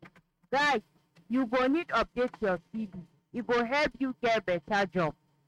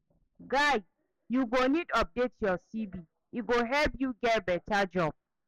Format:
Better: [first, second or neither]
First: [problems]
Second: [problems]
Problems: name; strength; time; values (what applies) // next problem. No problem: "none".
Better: second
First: noise reduction (neural mask model RNNoise)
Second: none